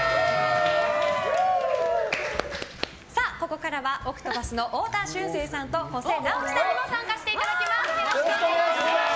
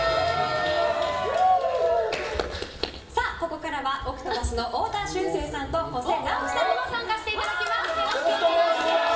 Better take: first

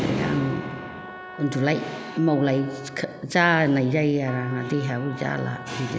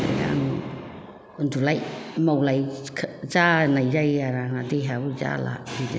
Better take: second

